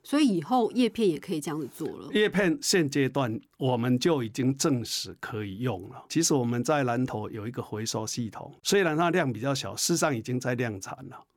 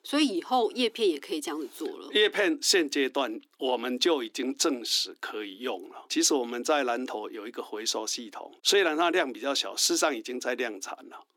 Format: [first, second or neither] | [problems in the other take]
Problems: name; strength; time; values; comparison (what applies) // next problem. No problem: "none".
first | thin; somewhat; fading below 300 Hz